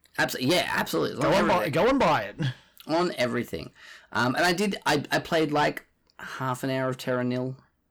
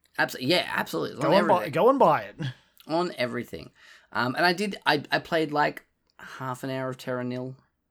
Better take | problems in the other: second | distortion; heavy; 7 dB below the speech

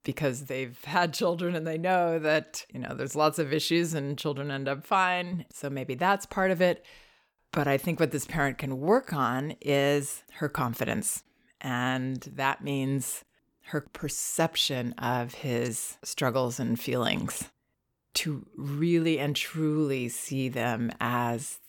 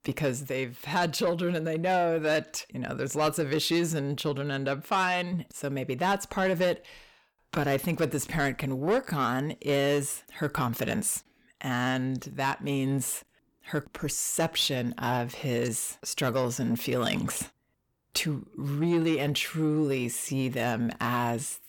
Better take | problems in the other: first | distortion; slight; 10 dB below the speech

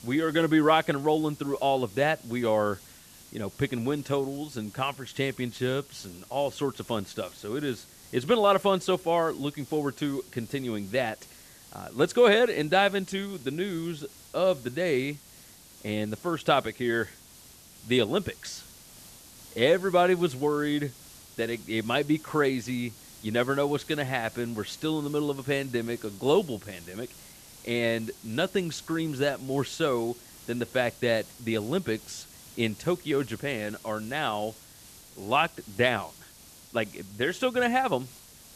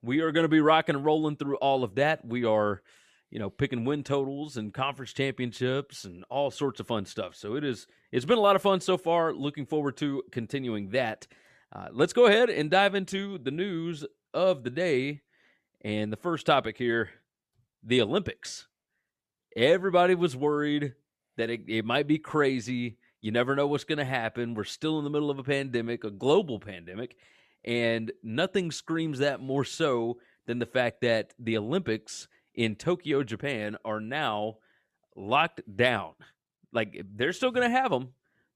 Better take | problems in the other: second | hiss; faint; throughout; 20 dB below the speech

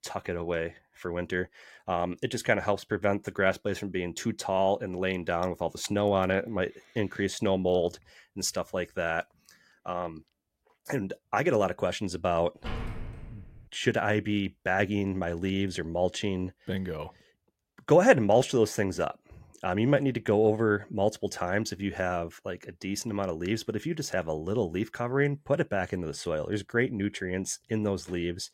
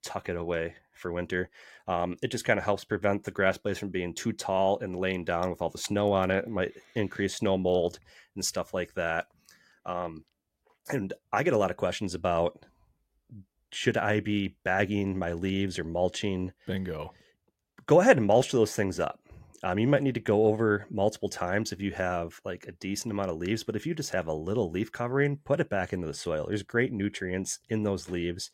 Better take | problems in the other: second | door banging; noticeable; at 13 s; peak 9 dB below the speech

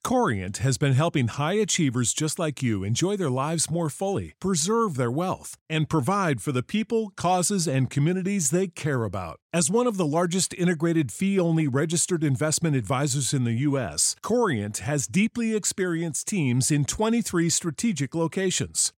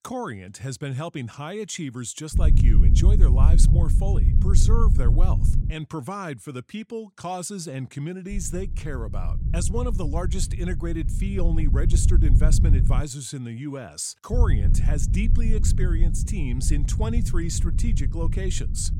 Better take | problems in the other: first | low rumble; loud; from 2.5 to 5.5 s, from 8.5 to 13 s and from 14 s on; 6 dB below the speech

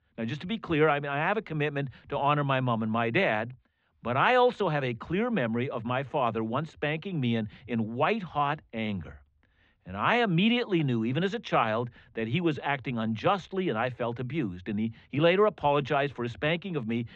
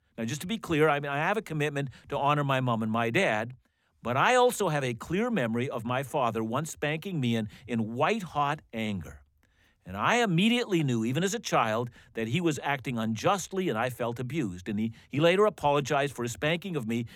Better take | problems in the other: second | muffled; slightly; fading above 4 kHz

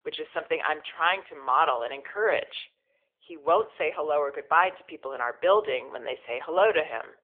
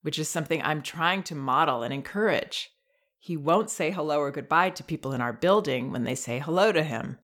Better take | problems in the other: second | phone-call audio; nothing above 3.5 kHz

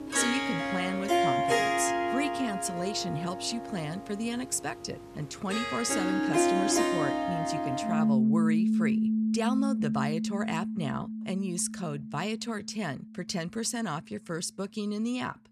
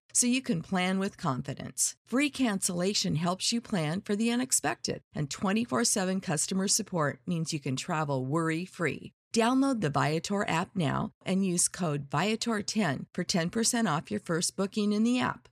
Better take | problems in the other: second | background music; very loud; throughout; 4 dB above the speech

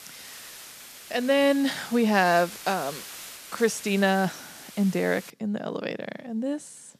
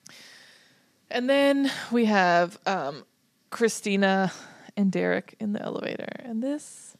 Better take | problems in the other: second | hiss; noticeable; until 5.5 s; 15 dB below the speech

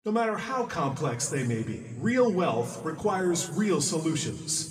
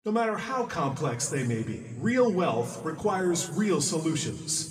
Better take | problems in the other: neither | room echo; slight; dies away in 1.8 s; the same in both // off-mic speech; somewhat distant; the same in both

